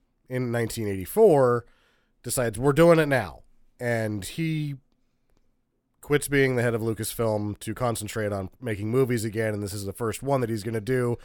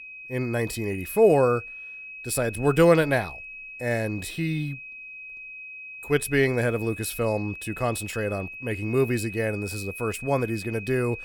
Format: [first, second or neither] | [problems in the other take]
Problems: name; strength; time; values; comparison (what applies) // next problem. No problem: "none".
first | high-pitched whine; noticeable; throughout; 2.5 kHz, 10 dB below the speech